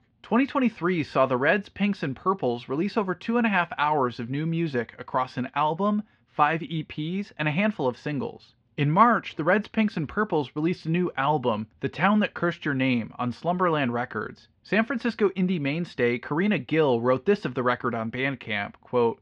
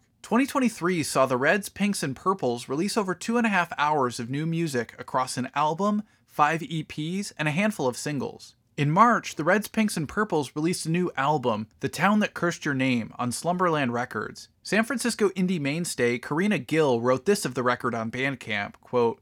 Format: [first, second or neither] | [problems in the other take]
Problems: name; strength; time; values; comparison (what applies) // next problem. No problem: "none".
second | muffled; slightly; fading above 3.5 kHz